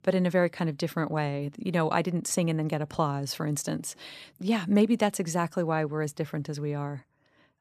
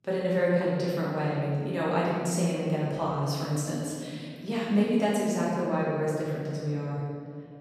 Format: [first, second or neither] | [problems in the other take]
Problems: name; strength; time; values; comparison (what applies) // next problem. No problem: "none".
first | room echo; strong; dies away in 2.1 s // off-mic speech; far